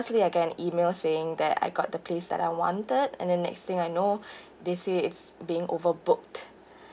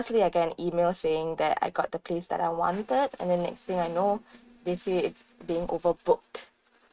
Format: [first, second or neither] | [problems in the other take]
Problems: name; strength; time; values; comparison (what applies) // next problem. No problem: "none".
first | noise reduction (neural mask model RNNoise)